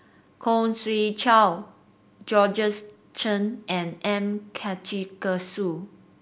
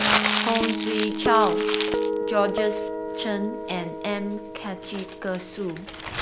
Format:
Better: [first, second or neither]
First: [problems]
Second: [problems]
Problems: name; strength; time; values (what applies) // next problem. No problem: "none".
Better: first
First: none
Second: background sound (Guitar + Crumpling, crinkling); 1 dB above the speech